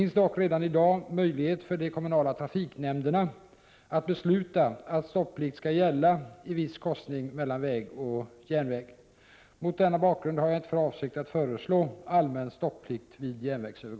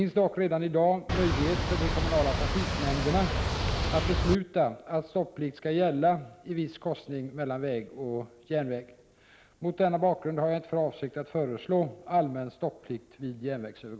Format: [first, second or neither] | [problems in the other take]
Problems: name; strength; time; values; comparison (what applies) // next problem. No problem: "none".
first | background sound (Boat, Water vehicle); 1 dB above the speech